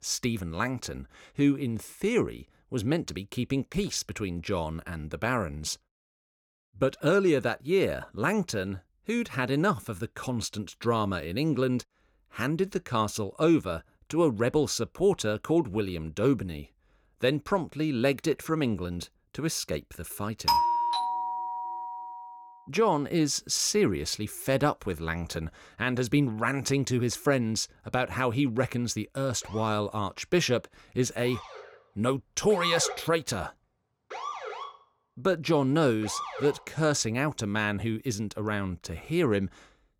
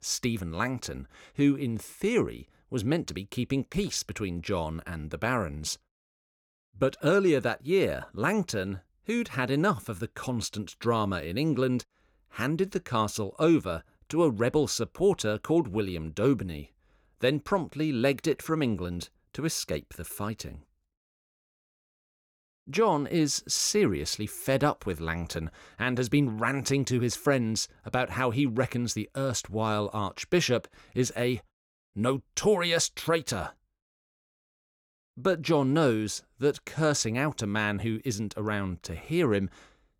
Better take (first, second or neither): second